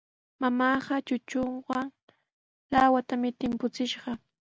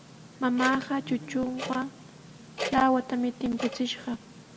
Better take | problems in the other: first | background sound (Clock); 11 dB below the speech // room echo; dies away in 1.2 s

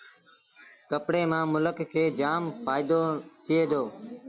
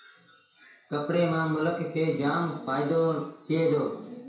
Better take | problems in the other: first | room echo; dies away in 0.5 s

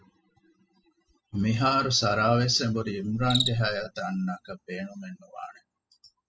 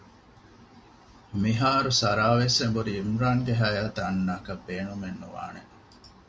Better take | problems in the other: second | noise reduction (classical method spectral subtraction)

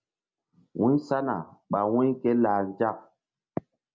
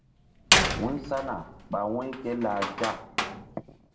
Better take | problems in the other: first | background sound (Slam); 3 dB above the speech // room echo; dies away in 0.6 s

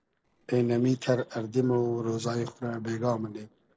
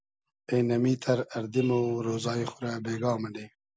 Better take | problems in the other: second | noise reduction (neural separator model SepFormer DNS4)

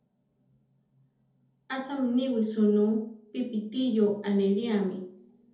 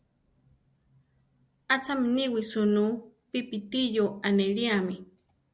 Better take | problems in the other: second | room echo; dies away in 0.6 s

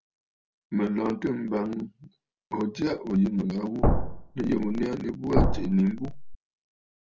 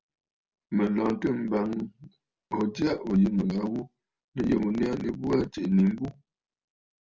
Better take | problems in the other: second | background sound (Thump, thud); 4 dB above the speech

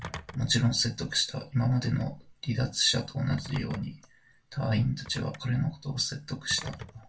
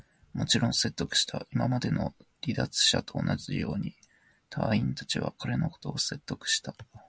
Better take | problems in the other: second | background sound (Telephone); 18 dB below the speech // room echo; dies away in 0.2 s

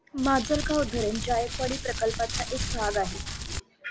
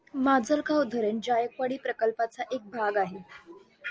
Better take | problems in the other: second | background sound (Crumpling, crinkling); 4 dB below the speech

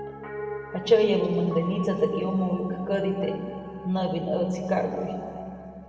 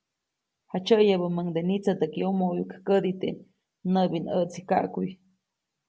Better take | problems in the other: second | background sound (Piano); 13 dB below the speech // room echo; dies away in 2.6 s

